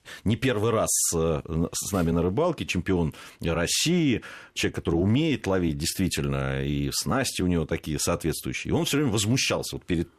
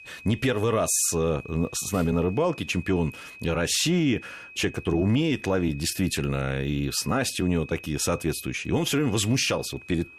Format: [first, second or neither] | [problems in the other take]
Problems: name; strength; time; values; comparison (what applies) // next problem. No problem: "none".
first | high-pitched whine; noticeable; throughout; 2.5 kHz, 20 dB below the speech